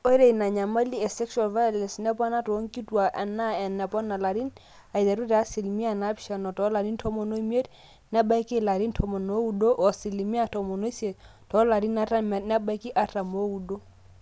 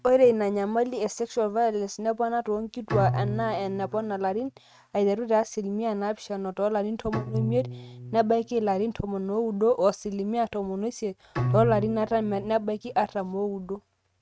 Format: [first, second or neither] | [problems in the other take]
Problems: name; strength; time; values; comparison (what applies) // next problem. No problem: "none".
first | noise reduction (neural mask model RNNoise)